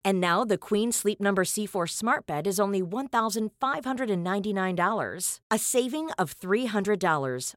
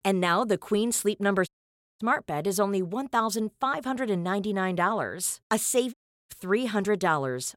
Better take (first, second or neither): first